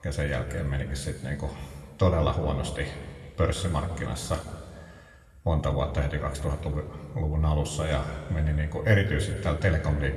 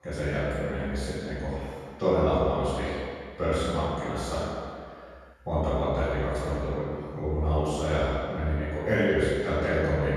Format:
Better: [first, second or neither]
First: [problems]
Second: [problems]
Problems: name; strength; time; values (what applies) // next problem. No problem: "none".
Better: first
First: room echo; slight; dies away in 1.9 s // off-mic speech; somewhat distant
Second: room echo; strong; dies away in 2.2 s // off-mic speech; far